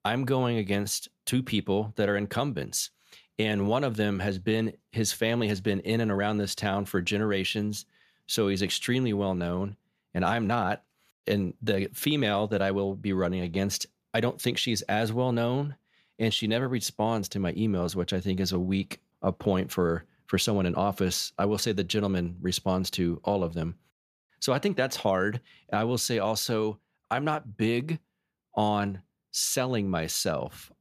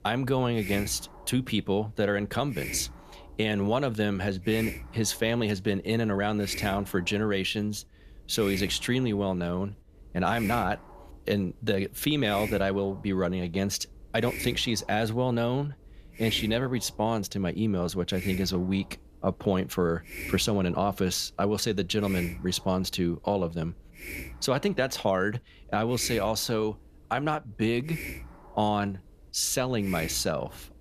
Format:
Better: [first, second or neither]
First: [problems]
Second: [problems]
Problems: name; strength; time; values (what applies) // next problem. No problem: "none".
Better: first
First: none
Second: hiss; noticeable; throughout; 15 dB below the speech